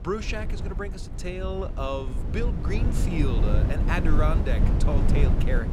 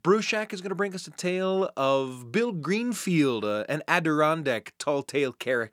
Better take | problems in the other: second | wind noise on the microphone; heavy; 4 dB below the speech

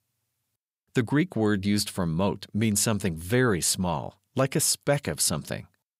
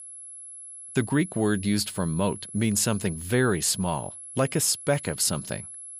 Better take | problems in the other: first | high-pitched whine; noticeable; throughout; 11 kHz, 15 dB below the speech

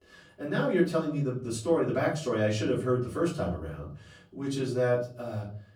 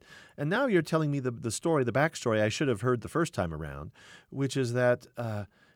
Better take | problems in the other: second | off-mic speech; far // room echo; slight; dies away in 0.4 s

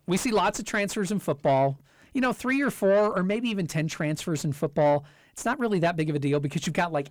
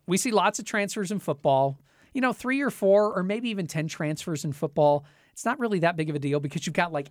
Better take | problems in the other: second | distortion; slight; 10 dB below the speech

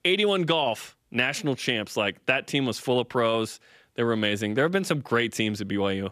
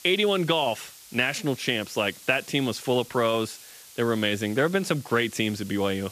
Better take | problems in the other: first | hiss; noticeable; throughout; 20 dB below the speech

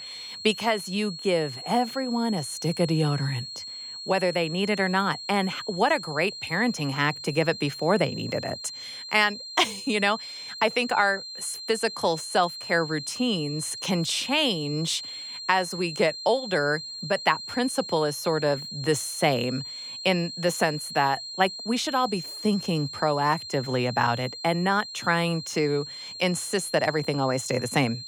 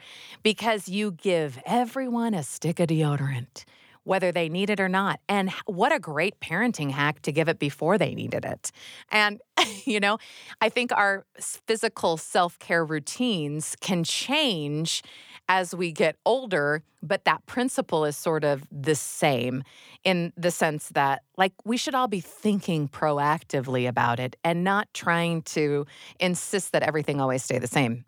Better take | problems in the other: second | high-pitched whine; loud; throughout; 4 kHz, 9 dB below the speech

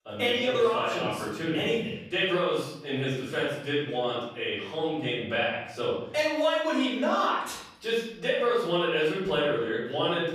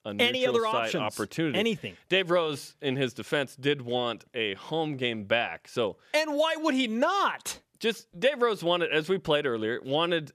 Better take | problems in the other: second | off-mic speech; far // room echo; noticeable; dies away in 0.8 s

